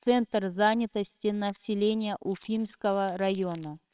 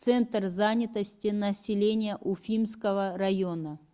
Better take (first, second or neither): second